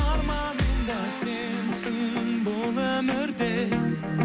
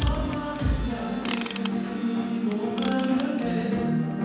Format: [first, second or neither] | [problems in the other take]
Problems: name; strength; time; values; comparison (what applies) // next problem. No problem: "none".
first | background sound (Ratchet, pawl / Tools); 16 dB below the speech // room echo; dies away in 1.2 s